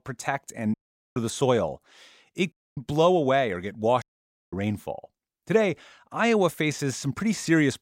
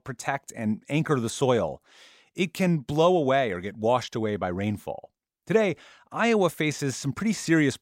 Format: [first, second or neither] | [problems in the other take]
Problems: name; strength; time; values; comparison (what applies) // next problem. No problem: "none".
second | audio cutting out; at 0.5 s, at 2.5 s and at 4 s for 0.5 s